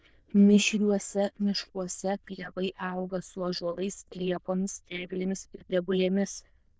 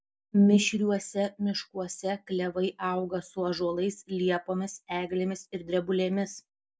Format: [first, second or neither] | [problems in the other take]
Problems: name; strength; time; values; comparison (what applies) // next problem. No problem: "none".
second | noise reduction (neural diffusion model UNIVERSE++)